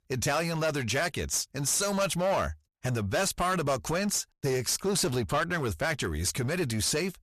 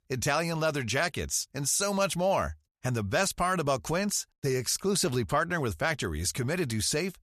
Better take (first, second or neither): second